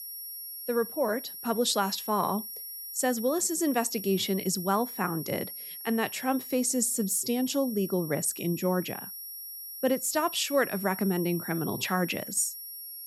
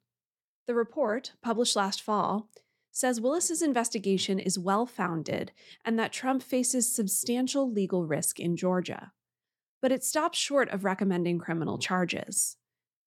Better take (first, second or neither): second